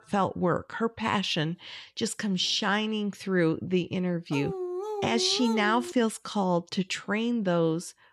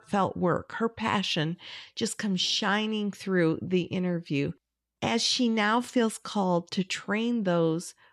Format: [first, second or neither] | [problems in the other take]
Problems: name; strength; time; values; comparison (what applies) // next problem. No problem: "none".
second | dog barking; noticeable; from 4.5 to 6 s; peak 5 dB below the speech